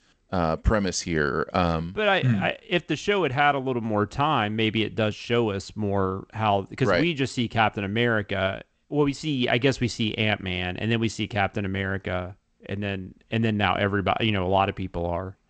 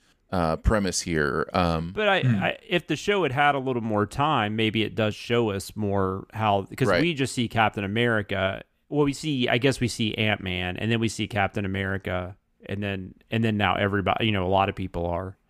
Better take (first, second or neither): second